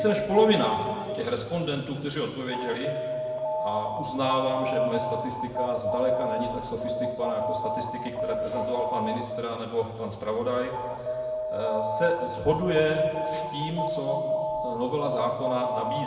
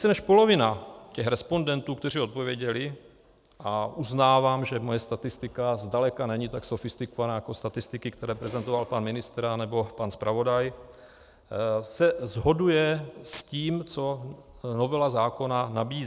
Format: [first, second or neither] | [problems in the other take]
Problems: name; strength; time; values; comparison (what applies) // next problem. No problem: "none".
second | background sound (Alarm); 2 dB below the speech // room echo; dies away in 2.2 s